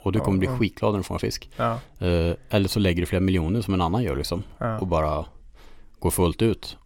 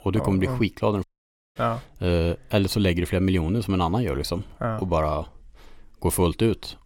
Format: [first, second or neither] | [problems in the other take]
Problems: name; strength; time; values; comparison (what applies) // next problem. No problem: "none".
first | audio cutting out; at 1 s for 0.5 s